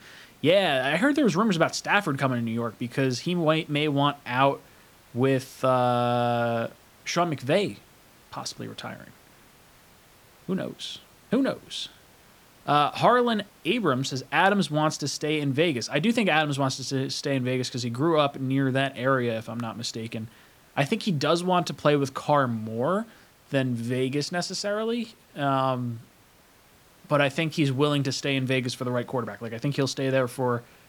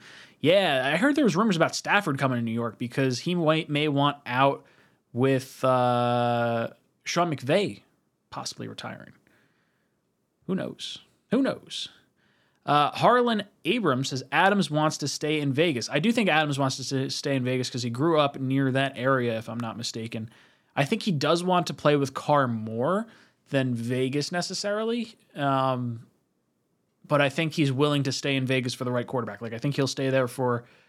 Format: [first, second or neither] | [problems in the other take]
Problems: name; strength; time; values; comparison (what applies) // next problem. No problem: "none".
second | hiss; faint; throughout; 30 dB below the speech